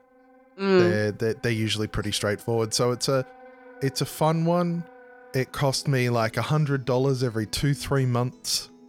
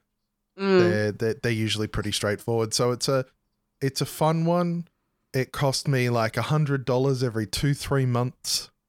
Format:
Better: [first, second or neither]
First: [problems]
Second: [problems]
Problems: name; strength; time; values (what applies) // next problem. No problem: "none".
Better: second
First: background music; faint; throughout; 25 dB below the speech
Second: none